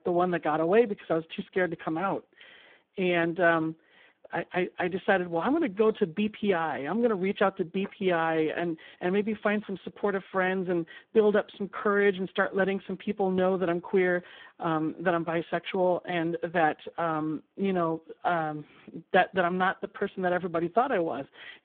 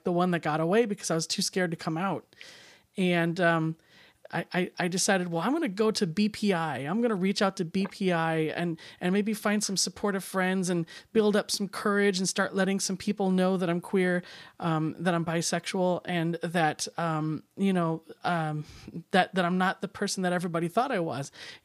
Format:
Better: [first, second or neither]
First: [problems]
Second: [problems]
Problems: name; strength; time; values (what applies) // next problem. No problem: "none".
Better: second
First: phone-call audio; poor line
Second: none